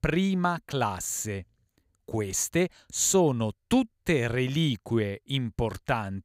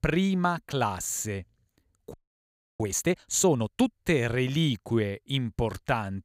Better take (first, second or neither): first